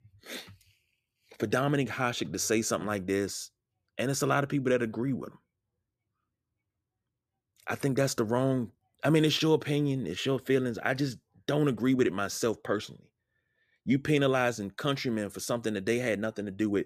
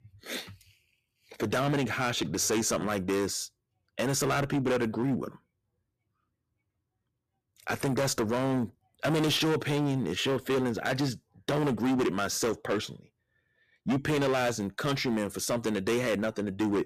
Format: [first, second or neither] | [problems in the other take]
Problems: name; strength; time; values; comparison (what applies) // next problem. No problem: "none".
first | distortion; heavy; 13% of the sound clipped